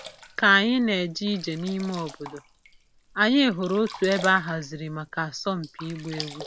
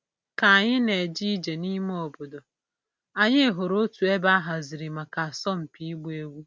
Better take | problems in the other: second | background sound (Sink (filling or washing)); 18 dB below the speech

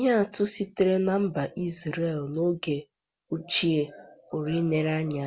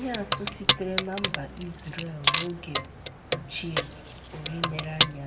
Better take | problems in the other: first | background sound (Keys jangling); 5 dB above the speech // room echo; dies away in 1.1 s

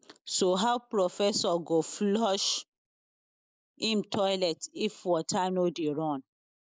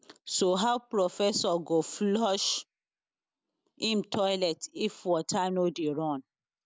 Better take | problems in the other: second | noise reduction (neural mask model Resemble Enhance denoiser)

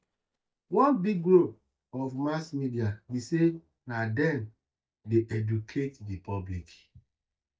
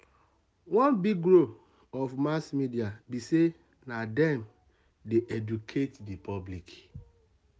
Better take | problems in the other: second | noise reduction (neural mask model DeepFilterNet 3)

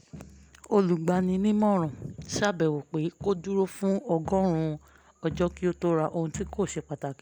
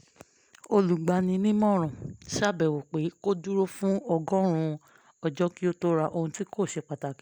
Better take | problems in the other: second | background sound (Crowd); 19 dB below the speech

